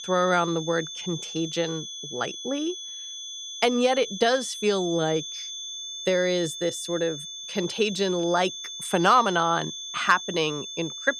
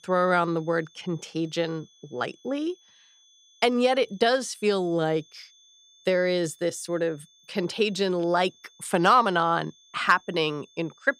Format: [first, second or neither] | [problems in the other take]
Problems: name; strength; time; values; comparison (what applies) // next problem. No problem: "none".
second | high-pitched whine; loud; throughout; 3.5 kHz, 9 dB below the speech; faint in the second